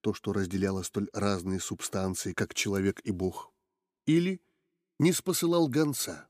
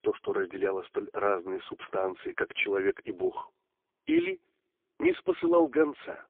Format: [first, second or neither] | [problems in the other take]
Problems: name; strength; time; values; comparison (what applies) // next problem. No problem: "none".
first | phone-call audio; poor line; nothing above 3 kHz